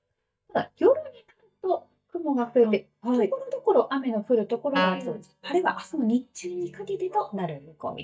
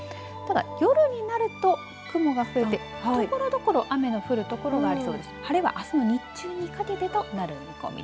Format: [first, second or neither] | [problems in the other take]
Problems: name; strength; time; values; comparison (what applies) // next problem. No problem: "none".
second | noise reduction (neural mask model DeepFilterNet 3)